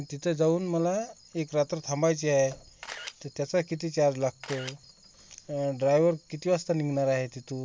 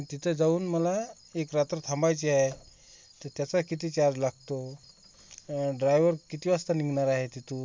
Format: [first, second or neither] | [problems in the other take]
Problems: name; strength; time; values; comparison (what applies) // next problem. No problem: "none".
second | background sound (Camera); 11 dB below the speech